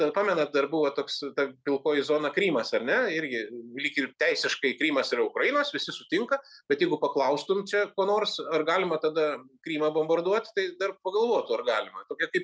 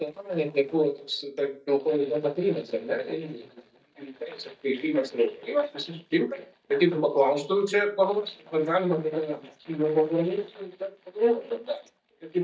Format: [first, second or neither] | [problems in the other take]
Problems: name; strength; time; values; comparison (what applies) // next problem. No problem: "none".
first | noise reduction (neural mask model DeepFilterNet 3)